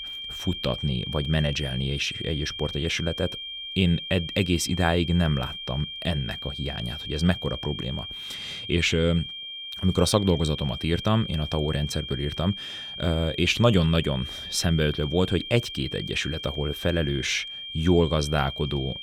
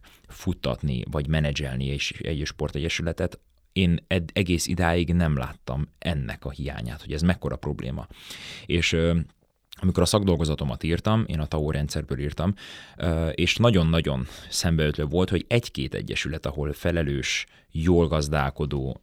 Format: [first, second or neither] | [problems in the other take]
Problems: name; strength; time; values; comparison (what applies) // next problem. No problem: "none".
second | high-pitched whine; loud; throughout; 3 kHz, 8 dB below the speech